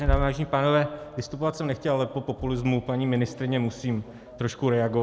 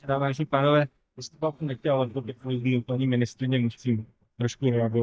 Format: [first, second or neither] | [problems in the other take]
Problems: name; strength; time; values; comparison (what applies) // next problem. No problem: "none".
first | noise reduction (neural mask model DeepFilterNet 3)